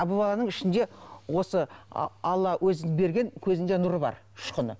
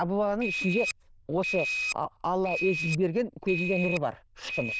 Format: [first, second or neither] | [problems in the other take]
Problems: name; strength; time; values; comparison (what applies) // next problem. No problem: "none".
first | noise reduction (neural diffusion model UNIVERSE++)